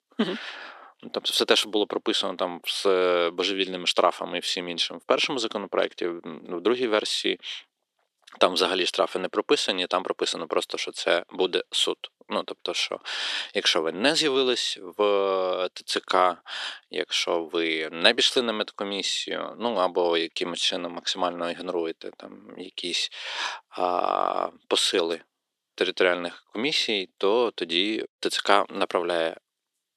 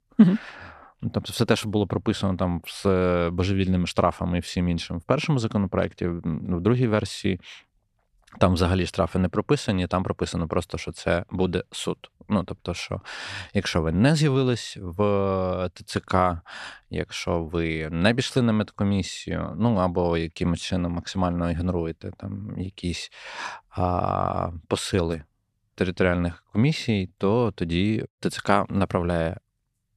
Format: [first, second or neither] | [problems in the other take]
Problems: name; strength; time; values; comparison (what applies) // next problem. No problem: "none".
second | thin; somewhat; fading below 350 Hz